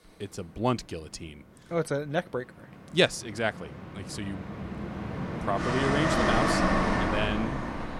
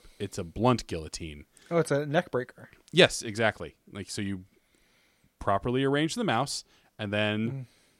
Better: second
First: train or aircraft noise; very loud; throughout; 2 dB above the speech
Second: none

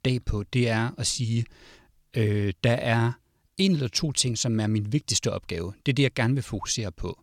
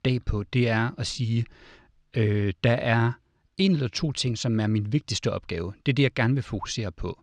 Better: first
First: none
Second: muffled; very slightly; fading above 4 kHz

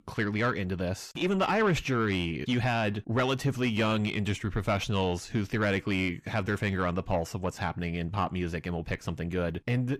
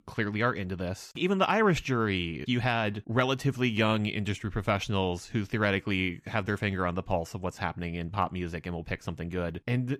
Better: second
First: distortion; slight; 10 dB below the speech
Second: none

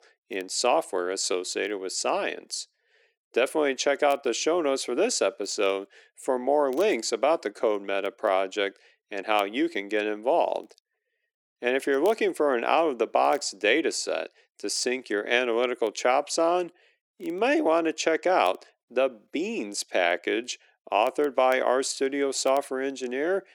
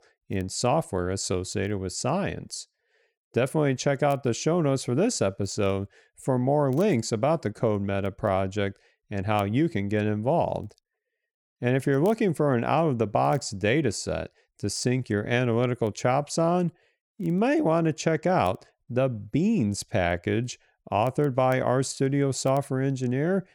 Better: second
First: thin; somewhat; fading below 300 Hz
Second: none

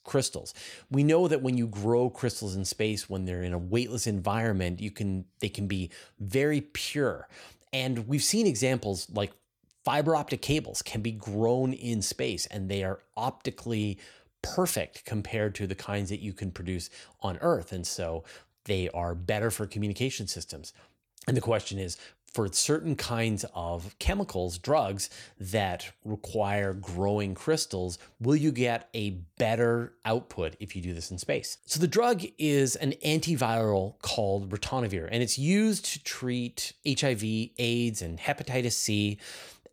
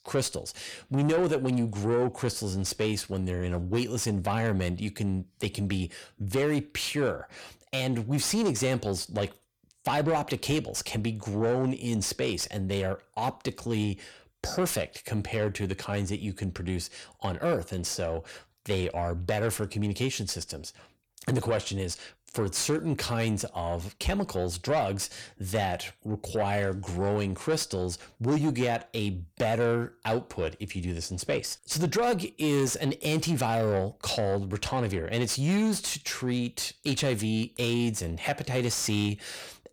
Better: first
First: none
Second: distortion; slight; 10 dB below the speech

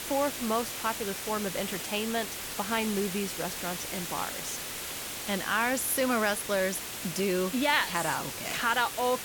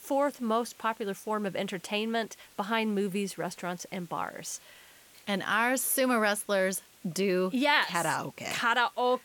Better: second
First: hiss; loud; throughout; 5 dB below the speech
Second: hiss; faint; throughout; 25 dB below the speech

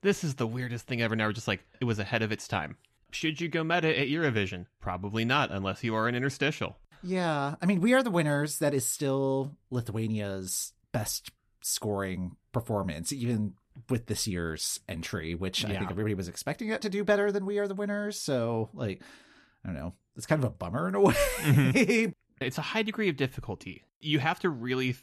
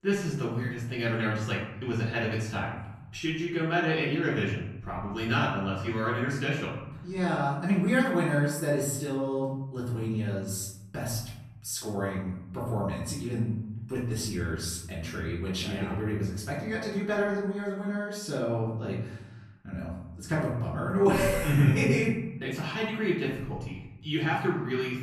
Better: first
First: none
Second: off-mic speech; far // room echo; noticeable; dies away in 1 s

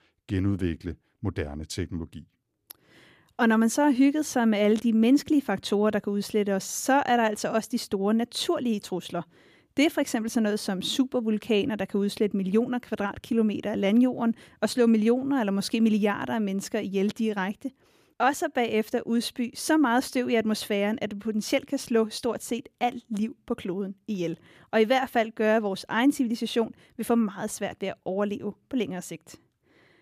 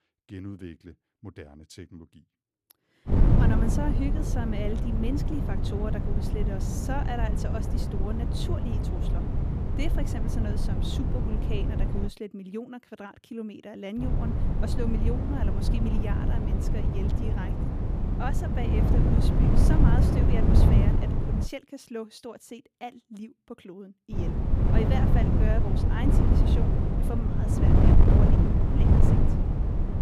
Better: first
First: none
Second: wind noise on the microphone; heavy; from 3 to 12 s, from 14 to 21 s and from 24 s on; 3 dB above the speech

